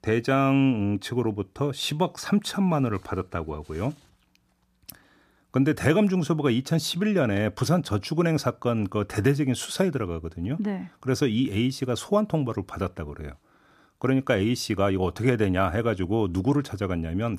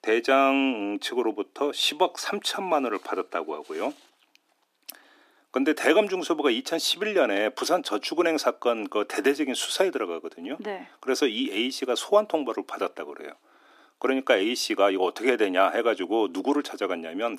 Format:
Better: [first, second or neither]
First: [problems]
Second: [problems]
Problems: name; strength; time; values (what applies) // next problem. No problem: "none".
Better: first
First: none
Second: thin; somewhat; fading below 300 Hz